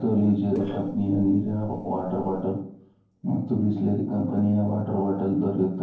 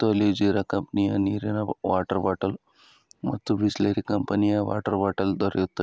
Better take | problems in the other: second | noise reduction (neural separator model SepFormer DNS4)

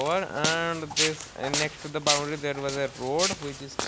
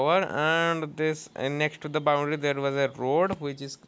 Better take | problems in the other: second | background sound (Walk, footsteps); 2 dB below the speech

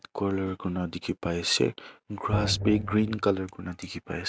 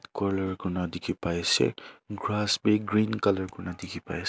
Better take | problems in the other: second | noise reduction (neural mask model RNNoise)

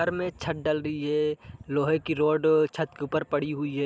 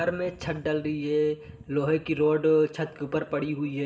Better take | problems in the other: first | room echo; dies away in 1.1 s

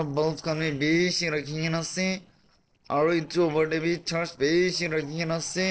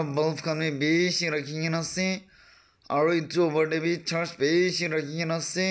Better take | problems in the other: second | noise reduction (neural separator model SepFormer DNS4)

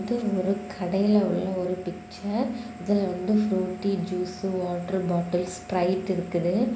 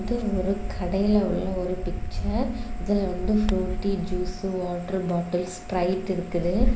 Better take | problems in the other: first | background sound (Bird); 3 dB below the speech

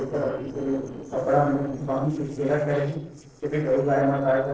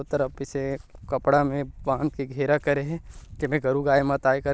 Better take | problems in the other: second | noise reduction (neural separator model SepFormer DNS4)

